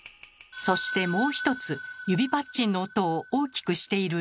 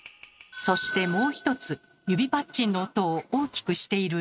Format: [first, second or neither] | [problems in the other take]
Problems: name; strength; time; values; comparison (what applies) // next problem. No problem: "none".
first | noise reduction (neural mask model RNNoise)